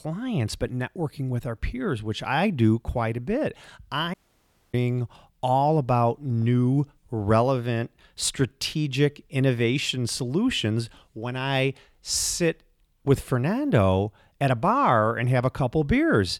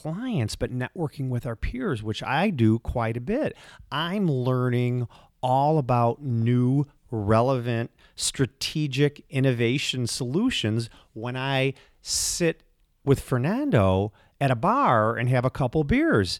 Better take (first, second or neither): second